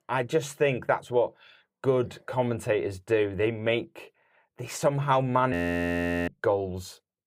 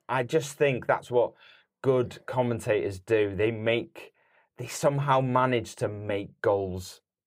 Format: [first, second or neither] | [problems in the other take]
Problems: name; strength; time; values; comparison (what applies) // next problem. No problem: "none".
second | audio freezing; at 5.5 s for 0.5 s